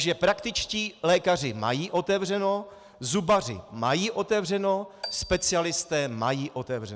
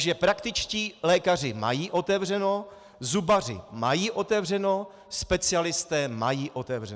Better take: second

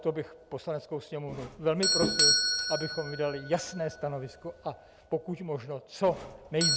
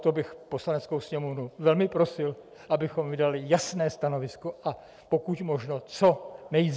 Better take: second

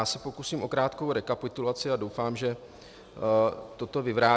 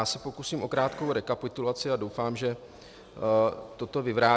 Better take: first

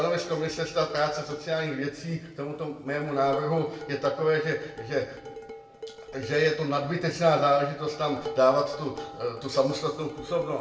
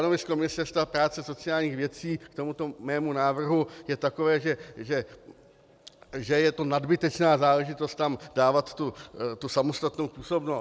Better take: second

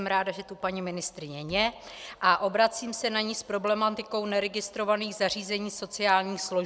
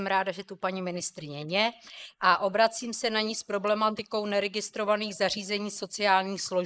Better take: first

